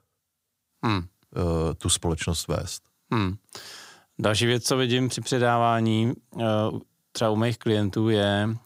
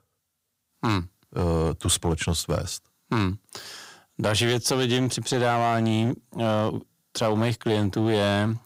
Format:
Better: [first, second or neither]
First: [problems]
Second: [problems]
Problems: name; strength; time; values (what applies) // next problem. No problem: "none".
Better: first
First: none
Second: distortion; slight; 5% of the sound clipped